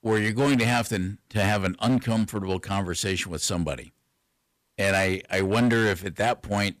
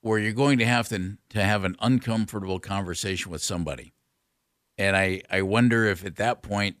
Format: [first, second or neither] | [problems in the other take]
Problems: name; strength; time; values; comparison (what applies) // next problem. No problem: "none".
second | distortion; slight; 7% of the sound clipped